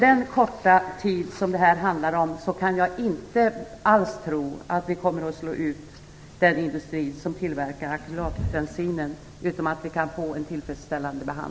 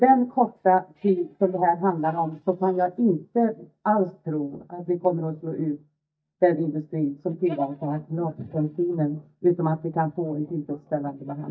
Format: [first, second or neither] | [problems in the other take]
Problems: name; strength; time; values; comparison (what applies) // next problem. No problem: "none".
first | noise reduction (neural mask model DeepFilterNet 3)